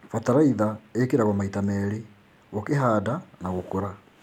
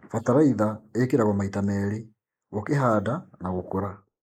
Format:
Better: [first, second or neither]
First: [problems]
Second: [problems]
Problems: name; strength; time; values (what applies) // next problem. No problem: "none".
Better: first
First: none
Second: noise reduction (neural mask model Resemble Enhance denoiser)